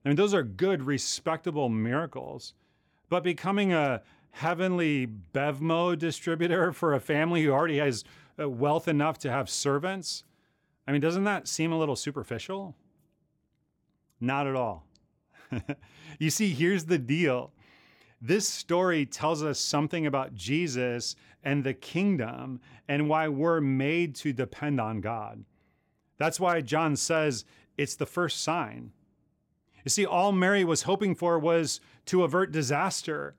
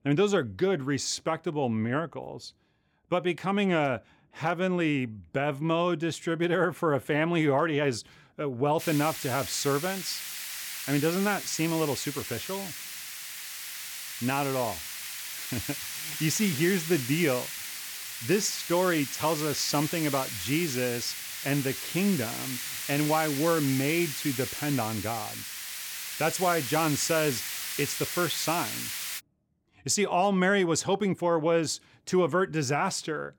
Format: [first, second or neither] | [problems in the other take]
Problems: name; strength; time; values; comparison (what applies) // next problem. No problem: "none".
first | hiss; loud; from 9 to 29 s; 6 dB below the speech